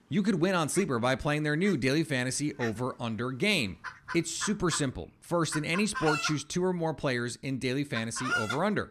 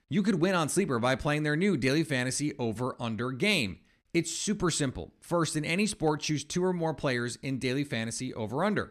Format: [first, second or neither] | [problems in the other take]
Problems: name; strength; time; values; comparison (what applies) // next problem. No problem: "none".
second | animal sounds; loud; throughout; 7 dB below the speech